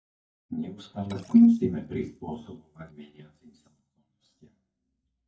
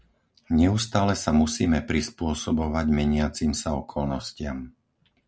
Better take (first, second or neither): second